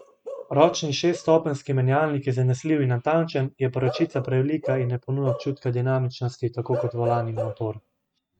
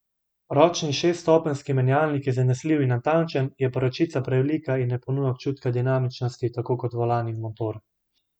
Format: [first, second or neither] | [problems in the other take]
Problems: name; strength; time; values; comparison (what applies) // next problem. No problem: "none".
second | noise reduction (neural mask model RNNoise)